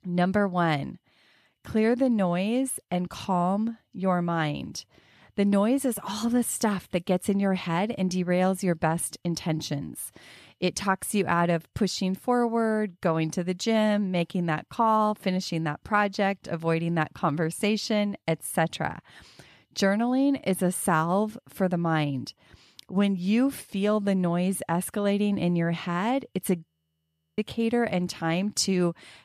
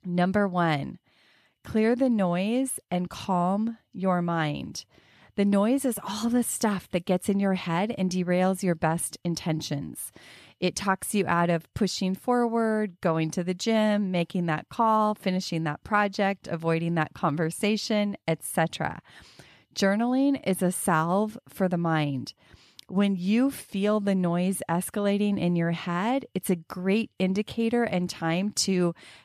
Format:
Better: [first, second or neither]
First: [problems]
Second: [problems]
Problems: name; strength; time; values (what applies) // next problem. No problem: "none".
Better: second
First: audio freezing; at 27 s for 0.5 s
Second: none